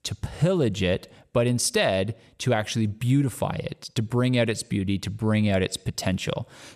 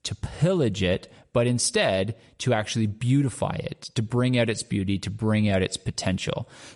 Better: first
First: none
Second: garbled, watery; slightly; nothing above 10.5 kHz

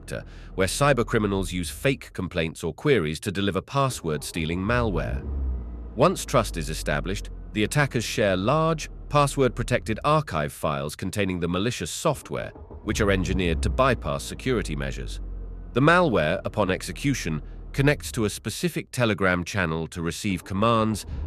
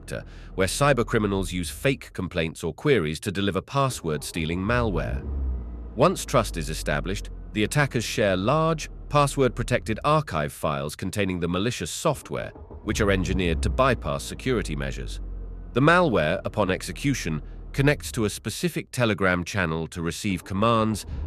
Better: neither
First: low rumble; faint; throughout; 25 dB below the speech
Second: low rumble; faint; throughout; 25 dB below the speech

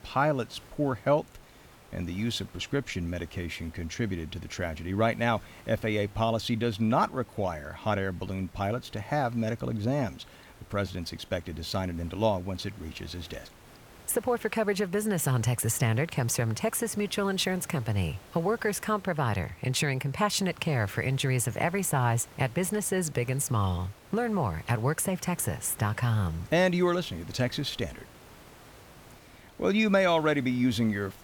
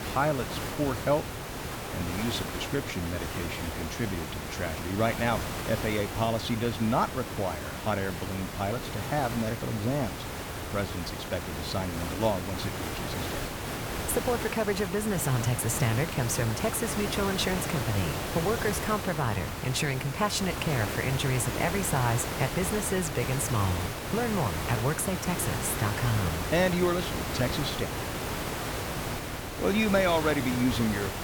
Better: first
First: hiss; faint; throughout; 25 dB below the speech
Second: hiss; loud; throughout; 4 dB below the speech

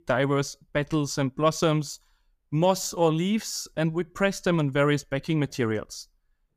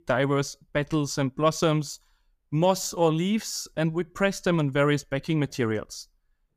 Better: neither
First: none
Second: none

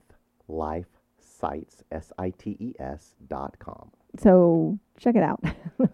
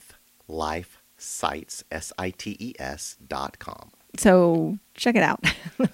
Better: second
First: muffled; very; fading above 1.5 kHz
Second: none

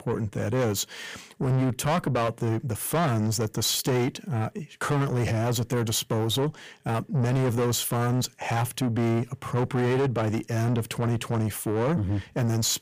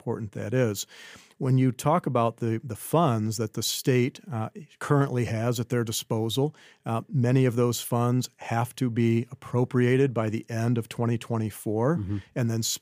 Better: second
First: distortion; heavy; 6 dB below the speech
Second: none

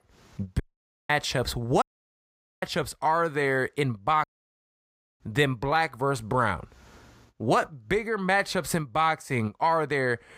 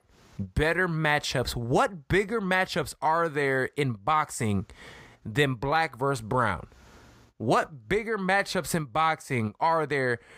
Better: second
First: audio cutting out; at 0.5 s, at 2 s for 1 s and at 4 s for 1 s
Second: none

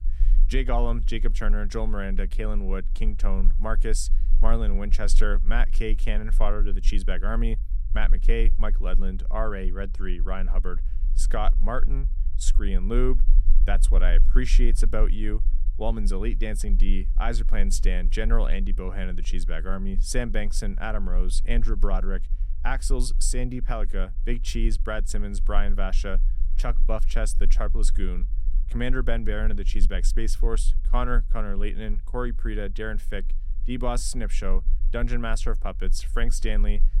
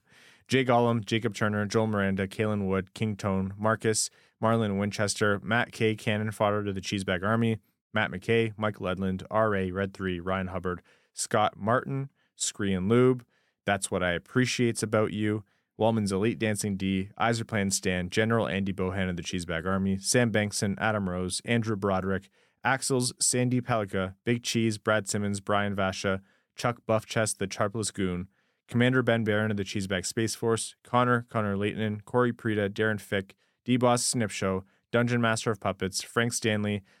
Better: second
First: low rumble; faint; throughout; 20 dB below the speech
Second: none

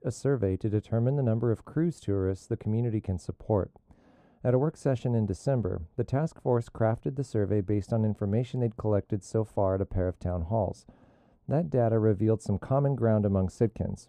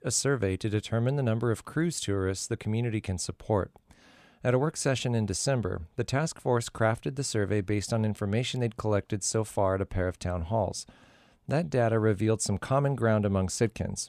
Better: second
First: muffled; very; fading above 1.5 kHz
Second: none

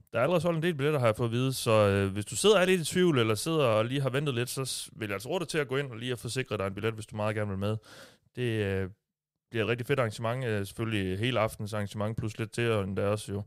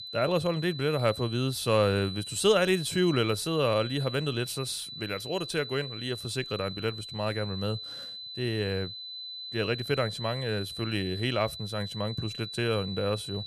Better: first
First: none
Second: high-pitched whine; loud; throughout; 4 kHz, 8 dB below the speech

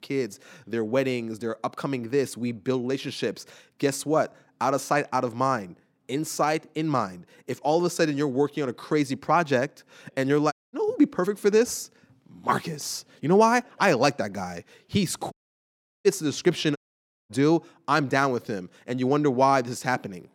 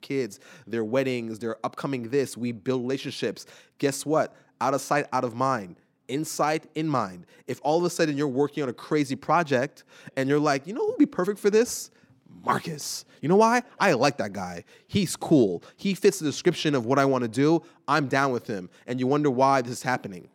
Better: second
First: audio cutting out; at 11 s, at 15 s for 0.5 s and at 17 s for 0.5 s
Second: none

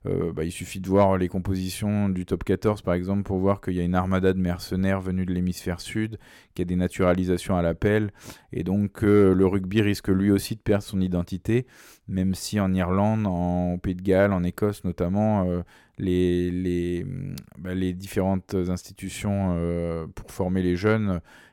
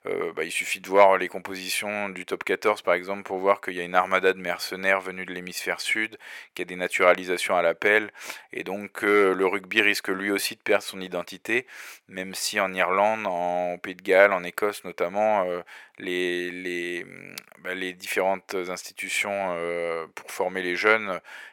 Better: first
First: none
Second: thin; very; fading below 650 Hz

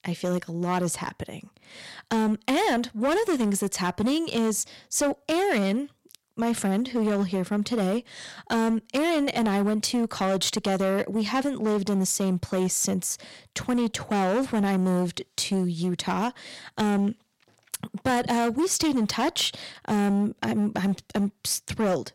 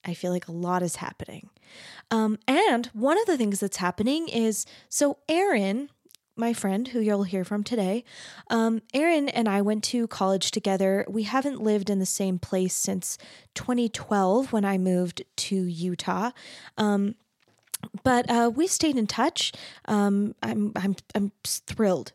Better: second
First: distortion; slight; 14% of the sound clipped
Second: none

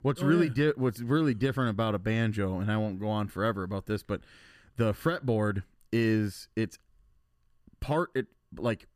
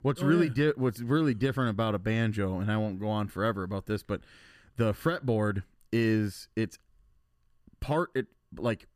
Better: neither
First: none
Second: none

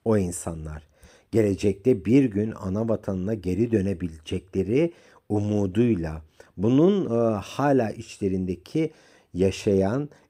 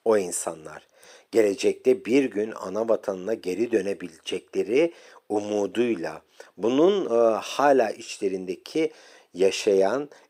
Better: first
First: none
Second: thin; somewhat; fading below 500 Hz

